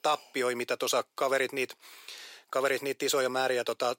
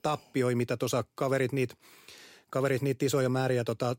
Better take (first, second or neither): second